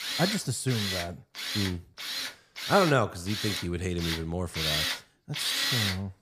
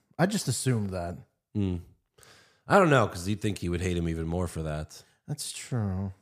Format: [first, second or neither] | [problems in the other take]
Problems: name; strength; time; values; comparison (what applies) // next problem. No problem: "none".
second | machinery noise; loud; throughout; 1 dB below the speech